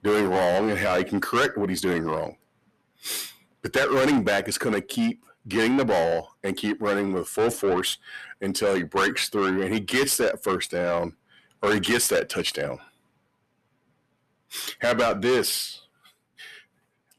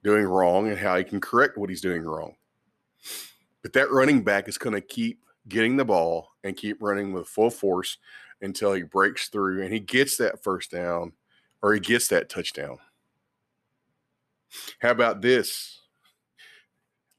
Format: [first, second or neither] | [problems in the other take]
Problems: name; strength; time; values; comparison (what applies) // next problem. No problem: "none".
second | distortion; heavy; 6 dB below the speech